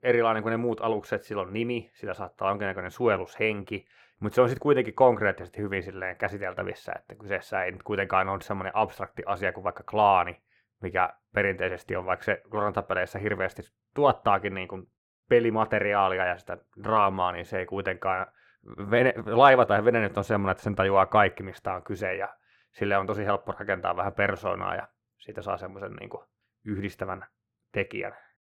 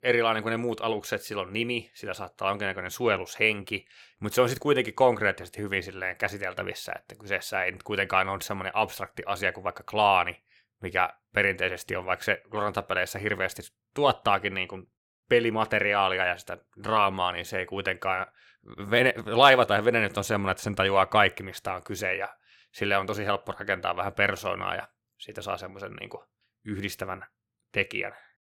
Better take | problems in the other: second | muffled; slightly; fading above 2.5 kHz

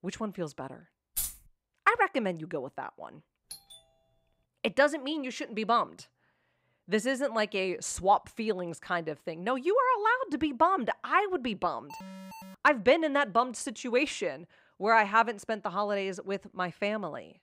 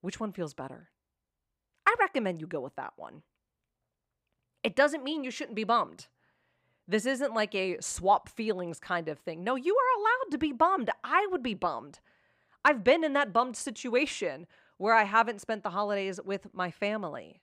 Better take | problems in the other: second | jangling keys; noticeable; at 1 s; peak 4 dB below the speech // doorbell; faint; at 3.5 s; peak 15 dB below the speech // alarm; faint; at 12 s; peak 15 dB below the speech

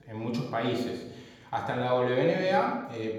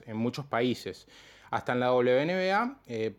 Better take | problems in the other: second | room echo; noticeable; dies away in 0.8 s // off-mic speech; somewhat distant

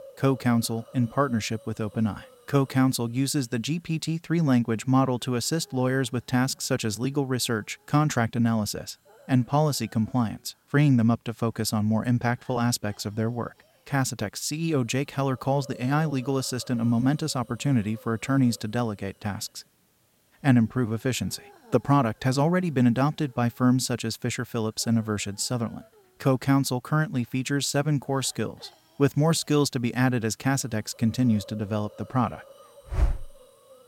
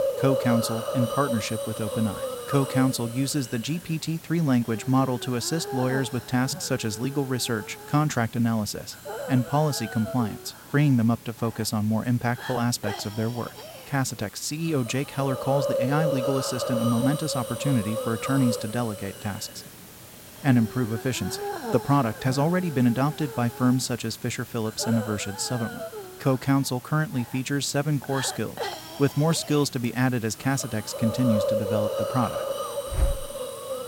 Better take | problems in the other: first | hiss; loud; throughout; 7 dB below the speech; faint in the first

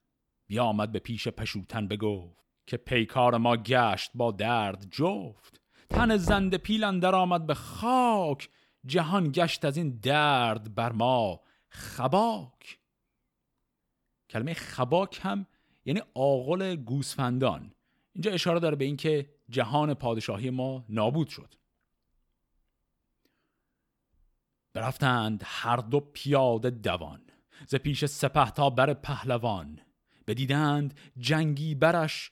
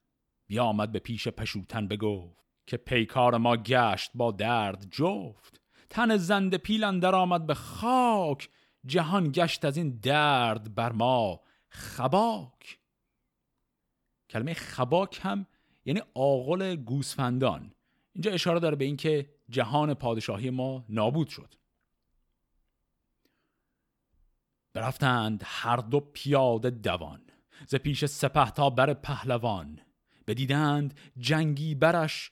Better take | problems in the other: second | door banging; noticeable; at 6 s; peak 3 dB below the speech

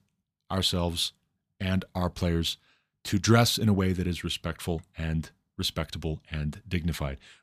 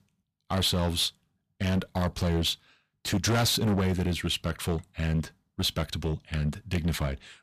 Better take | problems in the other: first | distortion; heavy; 11% of the sound clipped

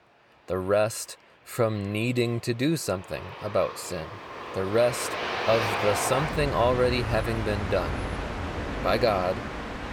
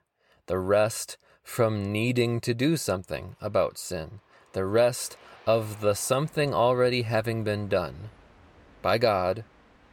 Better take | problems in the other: second | train or aircraft noise; loud; throughout; 4 dB below the speech; faint in the second

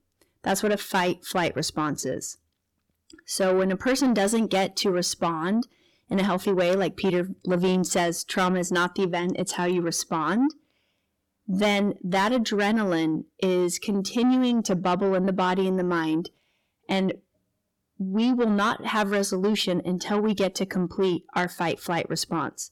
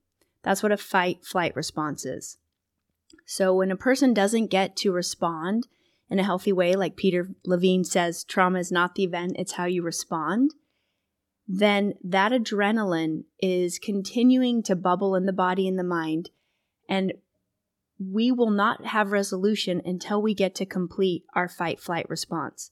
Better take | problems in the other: second | distortion; slight; 10 dB below the speech

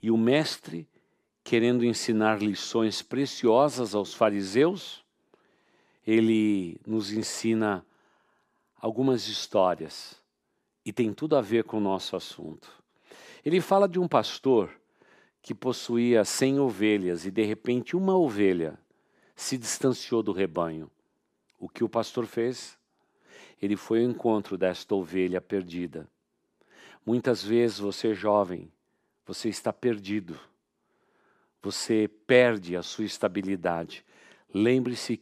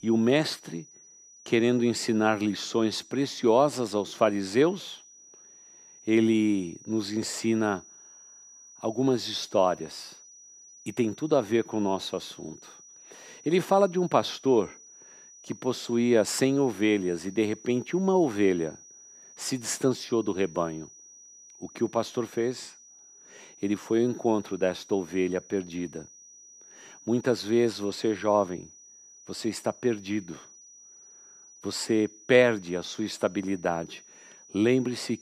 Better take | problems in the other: first | high-pitched whine; faint; throughout; 6 kHz, 20 dB below the speech

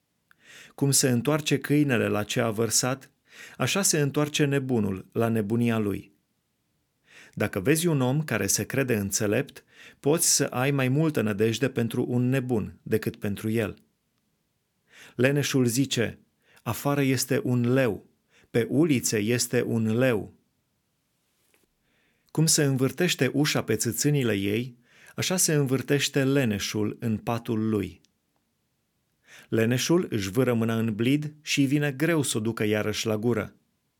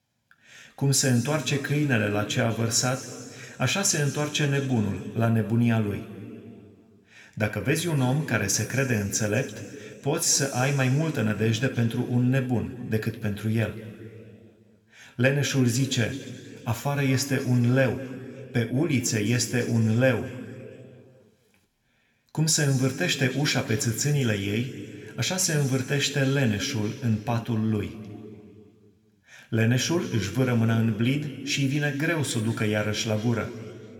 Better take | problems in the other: first | room echo; slight; dies away in 2.1 s

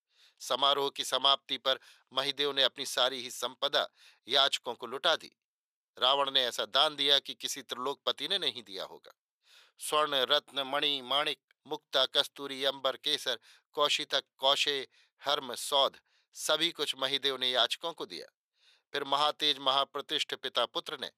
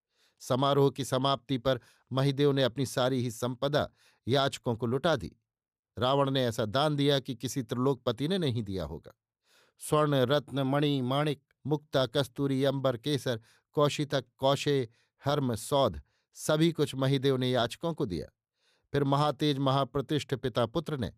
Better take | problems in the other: second | thin; very; fading below 700 Hz

